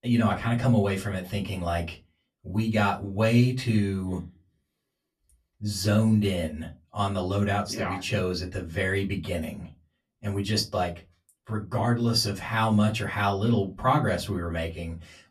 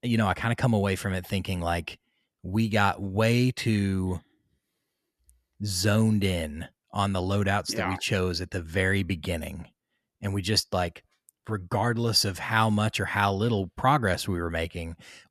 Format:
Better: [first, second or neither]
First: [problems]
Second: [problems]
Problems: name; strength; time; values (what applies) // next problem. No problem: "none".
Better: second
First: off-mic speech; far // room echo; very slight; dies away in 0.2 s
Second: none